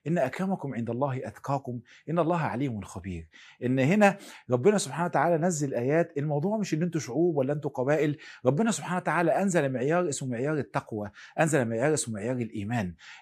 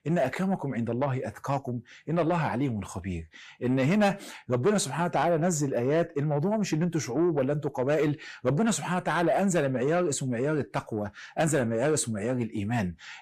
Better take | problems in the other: first | distortion; slight; 10 dB below the speech

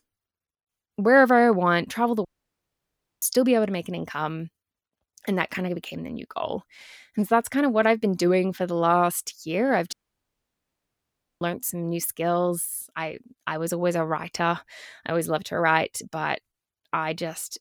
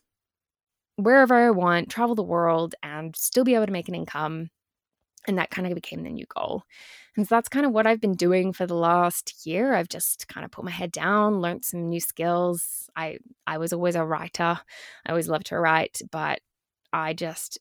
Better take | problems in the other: second | audio cutting out; at 2.5 s for 1 s and at 10 s for 1.5 s

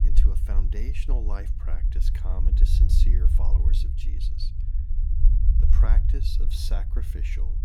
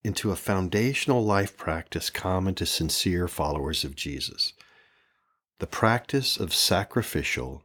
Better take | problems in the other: second | low rumble; loud; throughout; 3 dB below the speech

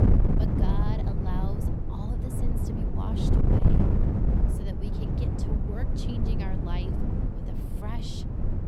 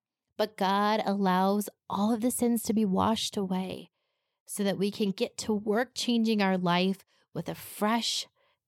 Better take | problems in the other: second | wind noise on the microphone; heavy; 5 dB above the speech

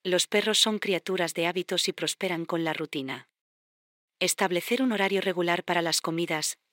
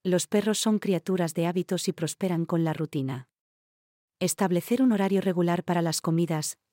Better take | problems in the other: second | thin; somewhat; fading below 300 Hz

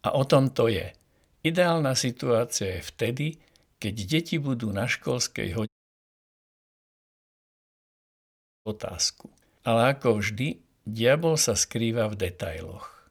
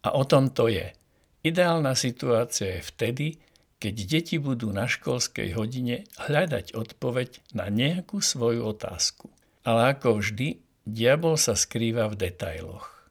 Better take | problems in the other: second | audio cutting out; at 5.5 s for 3 s

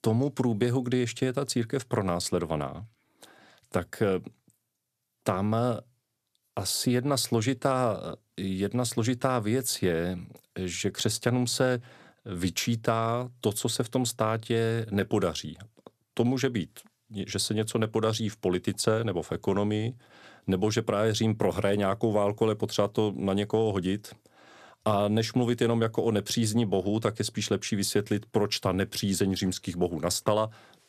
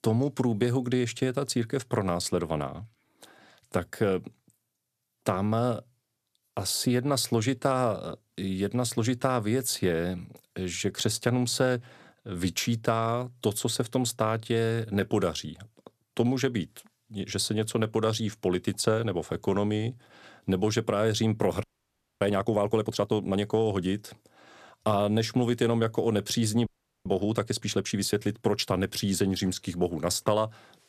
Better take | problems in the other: first | audio freezing; at 22 s for 0.5 s and at 27 s

